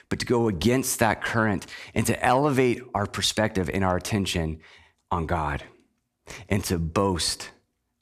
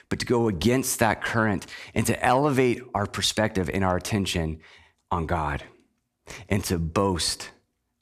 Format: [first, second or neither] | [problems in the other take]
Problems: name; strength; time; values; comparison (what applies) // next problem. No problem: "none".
neither | none